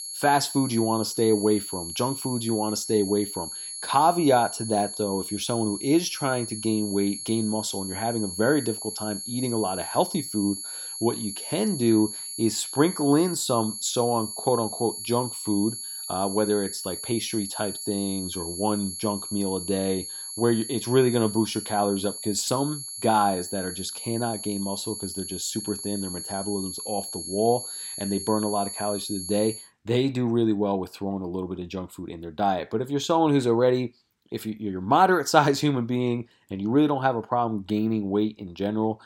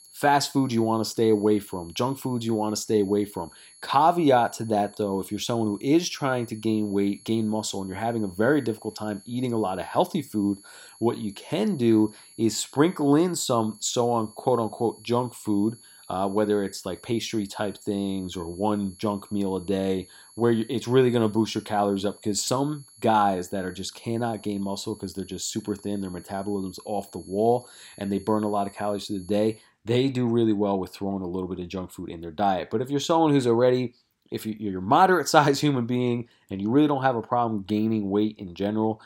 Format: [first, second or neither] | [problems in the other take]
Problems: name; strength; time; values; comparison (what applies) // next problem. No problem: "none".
second | high-pitched whine; loud; until 30 s; 11 kHz, 7 dB below the speech; faint in the second